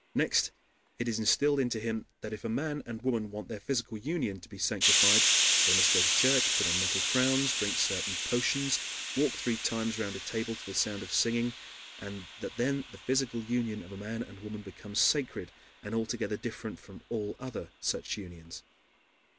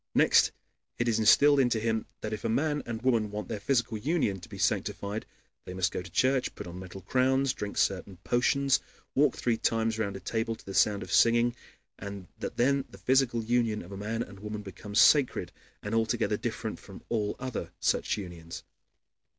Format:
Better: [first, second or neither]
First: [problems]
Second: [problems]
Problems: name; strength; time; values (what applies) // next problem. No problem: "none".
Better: second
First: background sound (Hiss); 1 dB below the speech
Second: none